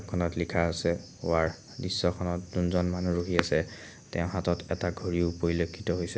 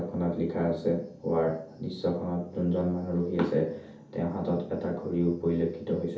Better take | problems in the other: first | room echo; dies away in 0.5 s

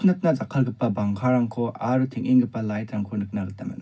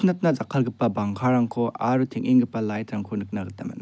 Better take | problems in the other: second | room echo; dies away in 0.4 s

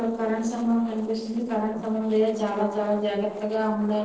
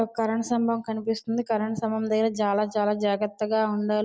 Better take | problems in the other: second | noise reduction (neural separator model SepFormer DNS4)

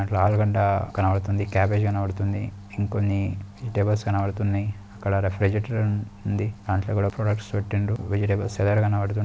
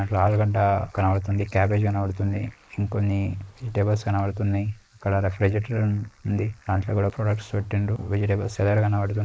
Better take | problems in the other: first | noise reduction (neural mask model Resemble Enhance denoiser)

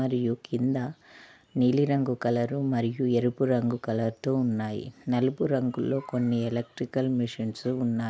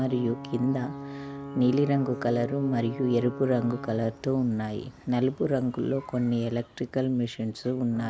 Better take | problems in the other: first | background sound (Alarm / Ocean / Boat, Water vehicle); 14 dB below the speech

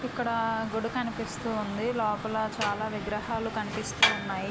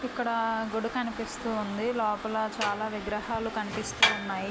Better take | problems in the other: second | background sound (Mechanisms); 13 dB below the speech

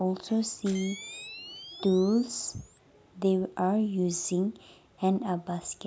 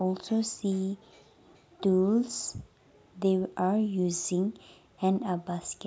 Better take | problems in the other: second | background sound (Camera); 18 dB below the speech

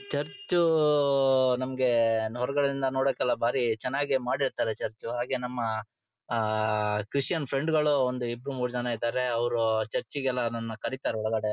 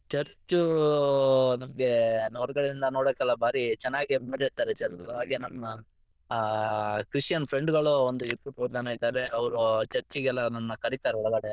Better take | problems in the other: first | noise reduction (neural diffusion model UNIVERSE++)

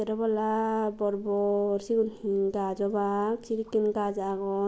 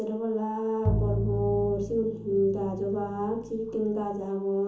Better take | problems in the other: first | background sound (Bowed string instrument); 4 dB below the speech // room echo; dies away in 0.7 s

